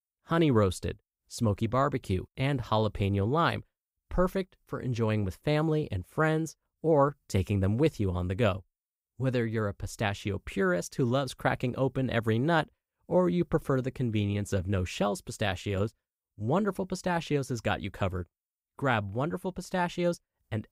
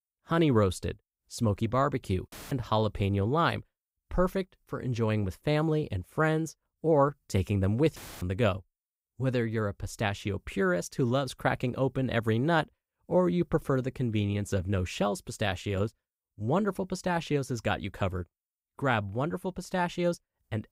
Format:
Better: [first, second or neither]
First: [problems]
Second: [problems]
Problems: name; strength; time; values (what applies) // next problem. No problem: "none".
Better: first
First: none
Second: audio cutting out; filled with static; at 2.5 s and at 8 s